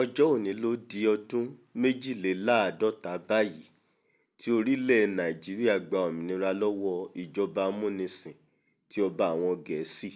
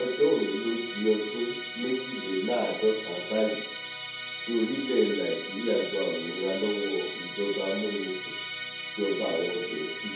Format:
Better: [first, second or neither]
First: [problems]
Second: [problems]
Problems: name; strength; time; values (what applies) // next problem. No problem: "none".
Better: first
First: none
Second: background sound (Musical instrument); 8 dB below the speech // room echo; dies away in 0.7 s